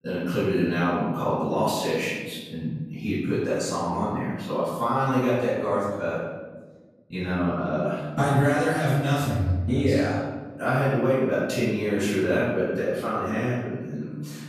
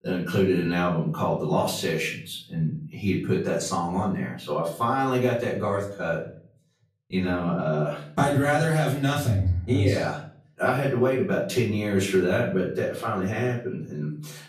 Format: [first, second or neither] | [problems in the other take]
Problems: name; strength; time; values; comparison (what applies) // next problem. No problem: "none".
second | room echo; strong; dies away in 1.2 s; slight in the second // off-mic speech; far; far in the second